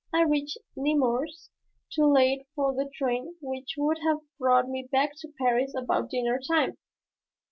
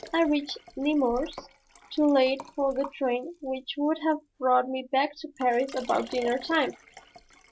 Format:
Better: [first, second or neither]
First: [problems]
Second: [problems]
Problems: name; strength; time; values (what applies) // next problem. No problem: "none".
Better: first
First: none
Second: background sound (Liquid); 19 dB below the speech